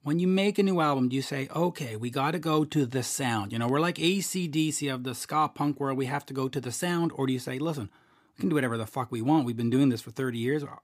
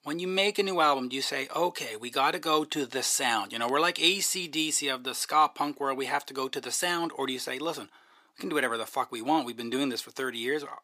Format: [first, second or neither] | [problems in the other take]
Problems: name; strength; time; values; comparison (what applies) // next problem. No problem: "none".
first | thin; somewhat; fading below 500 Hz